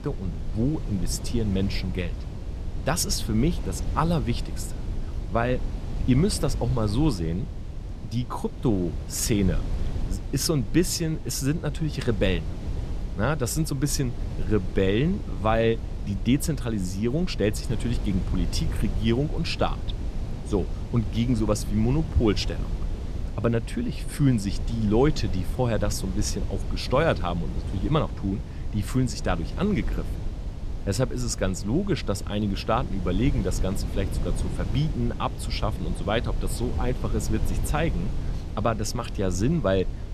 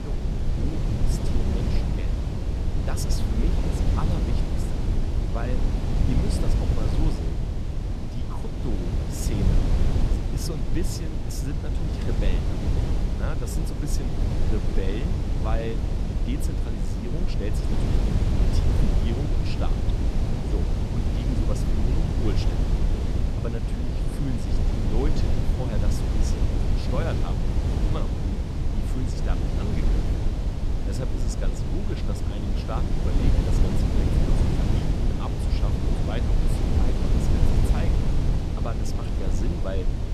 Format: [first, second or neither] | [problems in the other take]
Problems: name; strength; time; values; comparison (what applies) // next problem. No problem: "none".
first | wind noise on the microphone; heavy; 3 dB above the speech; occasional gusts in the first